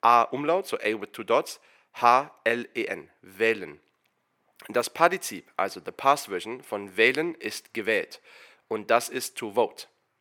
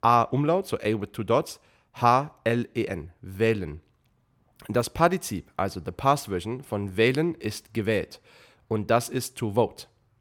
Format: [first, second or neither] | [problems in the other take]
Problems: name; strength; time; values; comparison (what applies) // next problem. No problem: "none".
second | thin; somewhat; fading below 350 Hz